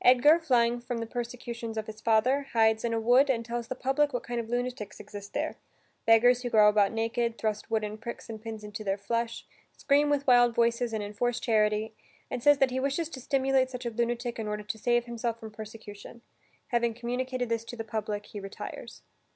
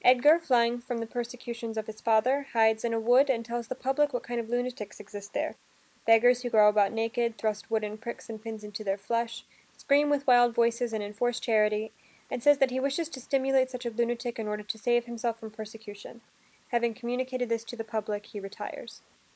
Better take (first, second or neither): first